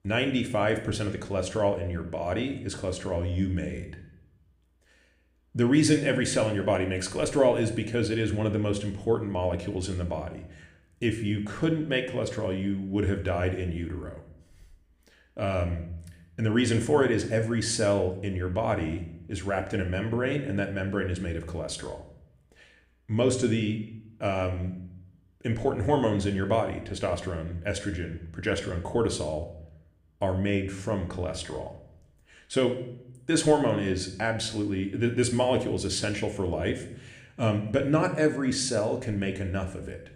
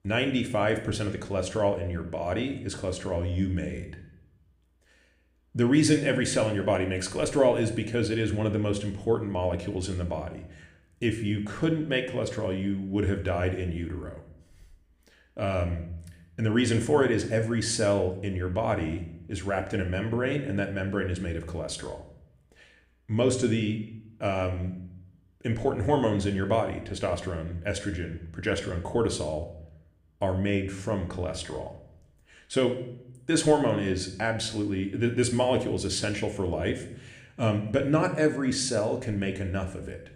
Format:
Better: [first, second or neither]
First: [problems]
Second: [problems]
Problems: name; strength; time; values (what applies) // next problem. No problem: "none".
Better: neither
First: room echo; slight; dies away in 0.6 s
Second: room echo; slight; dies away in 0.6 s